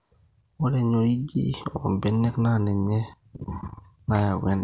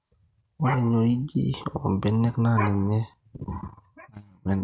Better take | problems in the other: first | noise reduction (neural mask model RNNoise)

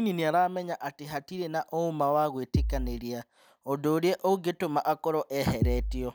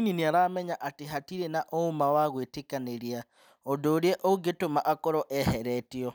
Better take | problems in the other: second | background sound (Bass drum); 1 dB above the speech

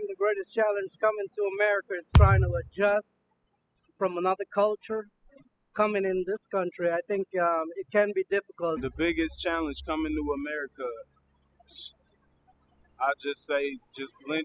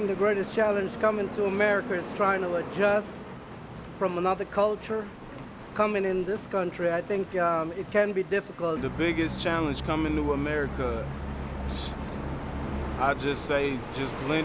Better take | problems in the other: second | noise reduction (classical method spectral subtraction)

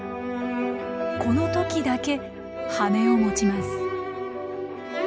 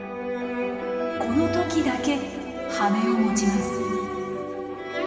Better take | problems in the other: first | room echo; dies away in 2.7 s

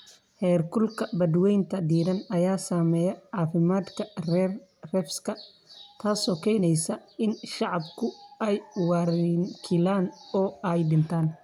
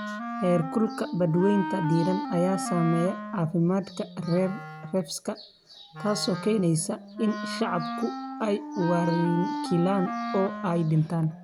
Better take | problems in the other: first | background sound (Wind instrument, woodwind instrument); 7 dB below the speech

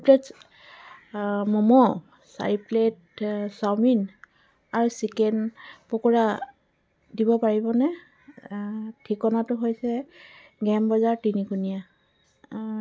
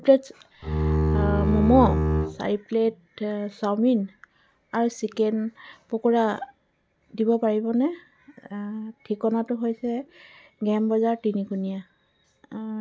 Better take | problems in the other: first | background sound (Bowed string instrument); 2 dB above the speech

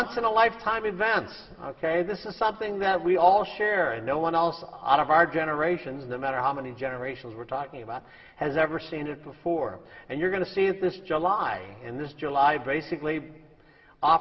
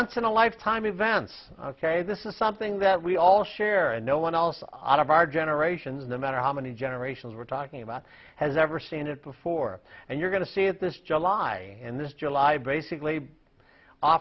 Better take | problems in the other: second | room echo; dies away in 1.4 s

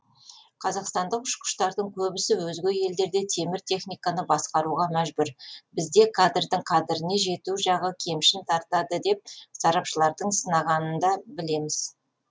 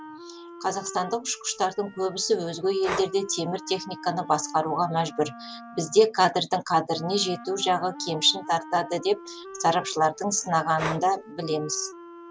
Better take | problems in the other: first | background sound (Breathing + Wind instrument, woodwind instrument); 14 dB below the speech

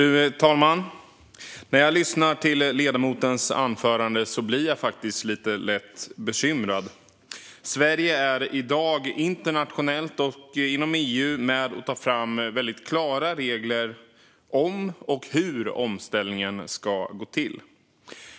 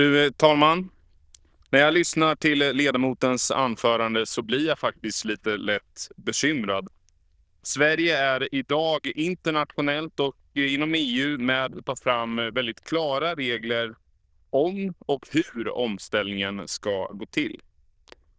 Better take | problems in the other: first | noise reduction (neural diffusion model UNIVERSE++)

